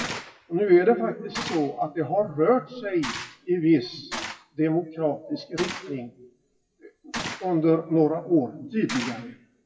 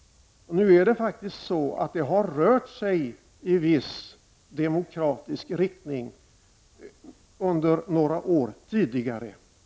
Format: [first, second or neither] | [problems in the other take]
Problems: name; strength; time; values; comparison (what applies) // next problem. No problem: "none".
second | noise reduction (classical method WPE with log-MMSE)